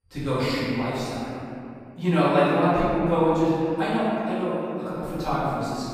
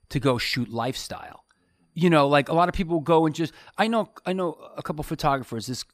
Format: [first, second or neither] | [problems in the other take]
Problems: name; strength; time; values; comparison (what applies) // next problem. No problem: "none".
second | off-mic speech; far // room echo; strong; dies away in 2.6 s